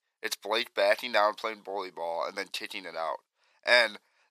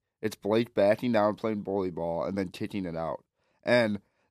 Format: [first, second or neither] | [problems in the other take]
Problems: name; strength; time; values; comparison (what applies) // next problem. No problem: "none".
second | thin; very; fading below 1 kHz